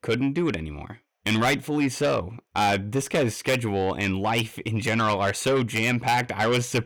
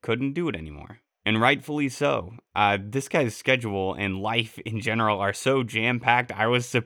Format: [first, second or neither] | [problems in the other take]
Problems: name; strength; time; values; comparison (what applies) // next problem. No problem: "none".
second | distortion; heavy; 7 dB below the speech